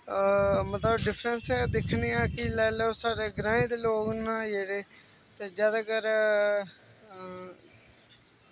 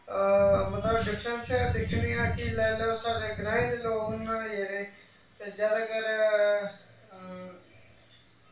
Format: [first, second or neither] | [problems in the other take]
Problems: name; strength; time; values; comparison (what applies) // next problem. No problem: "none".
first | room echo; dies away in 0.3 s